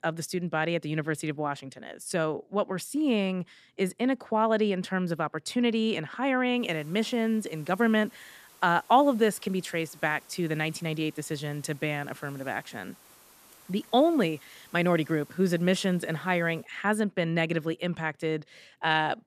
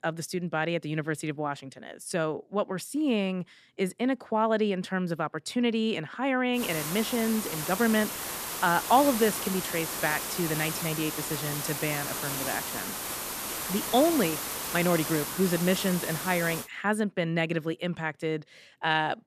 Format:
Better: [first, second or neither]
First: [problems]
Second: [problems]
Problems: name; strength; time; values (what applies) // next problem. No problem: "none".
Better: first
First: hiss; faint; from 6.5 to 17 s; 25 dB below the speech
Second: hiss; loud; from 6.5 to 17 s; 4 dB below the speech